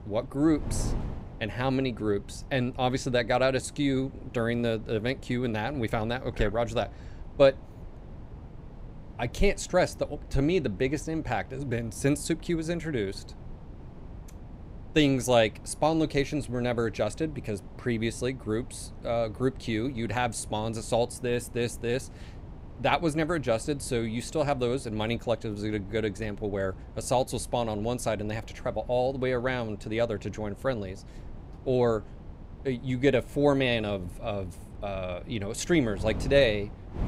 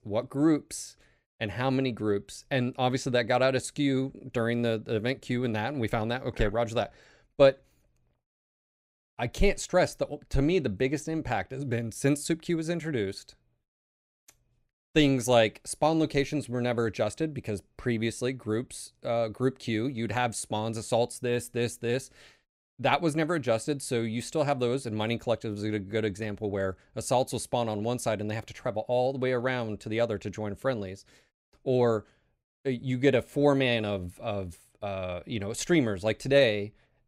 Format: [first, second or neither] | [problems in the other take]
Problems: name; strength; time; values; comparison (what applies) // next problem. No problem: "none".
second | wind noise on the microphone; occasional gusts; 20 dB below the speech